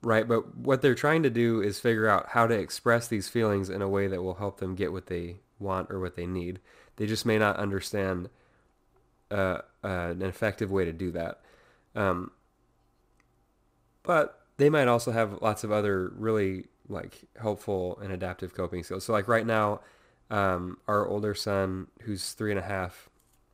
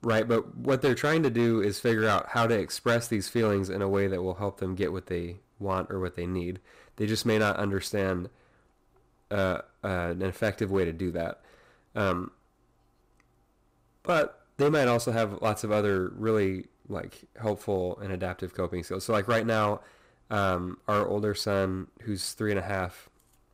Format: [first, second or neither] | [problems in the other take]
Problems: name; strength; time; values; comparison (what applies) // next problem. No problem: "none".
first | distortion; slight; 4% of the sound clipped